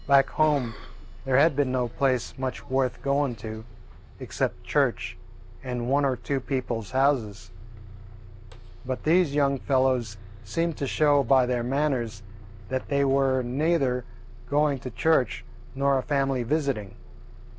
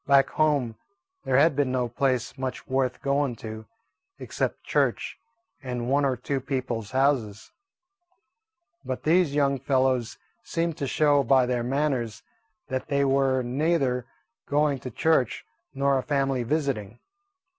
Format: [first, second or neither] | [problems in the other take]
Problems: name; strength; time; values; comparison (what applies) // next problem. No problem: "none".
second | background sound (Bus); 14 dB below the speech